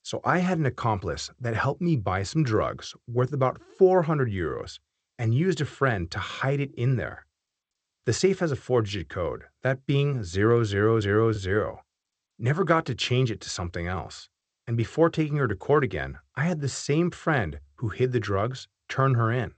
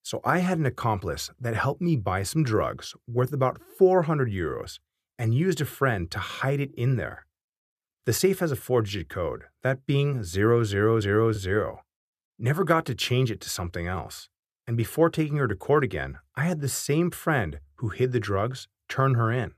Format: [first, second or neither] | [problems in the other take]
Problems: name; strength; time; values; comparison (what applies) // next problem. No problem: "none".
second | garbled, watery; slightly; nothing above 8 kHz